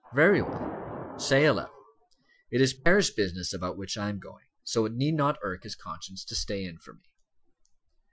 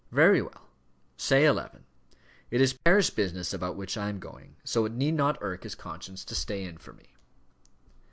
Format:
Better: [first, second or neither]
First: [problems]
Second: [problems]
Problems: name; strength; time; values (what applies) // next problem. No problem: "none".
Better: second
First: noise reduction (classical method Wiener filter)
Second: none